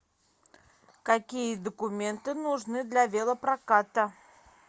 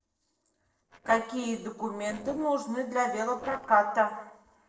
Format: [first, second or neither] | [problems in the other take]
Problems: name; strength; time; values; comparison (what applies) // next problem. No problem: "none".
first | noise reduction (neural separator model SepFormer DNS4)